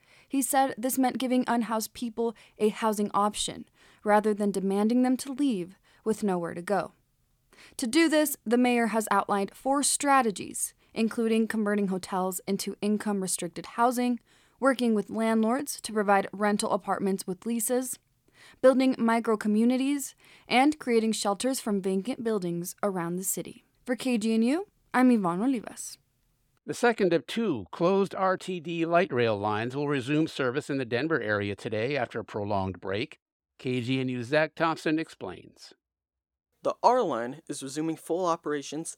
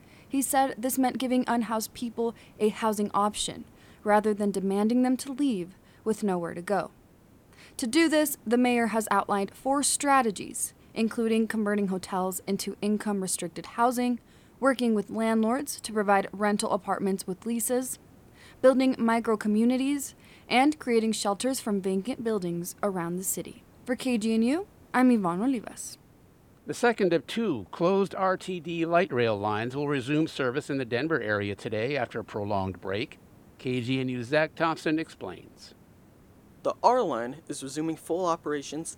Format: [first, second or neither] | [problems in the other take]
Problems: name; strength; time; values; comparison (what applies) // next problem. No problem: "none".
first | hiss; faint; throughout; 30 dB below the speech